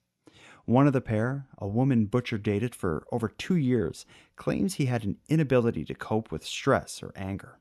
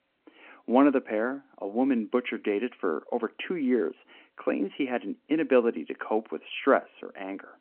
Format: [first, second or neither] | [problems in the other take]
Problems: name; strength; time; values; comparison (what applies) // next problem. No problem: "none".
first | phone-call audio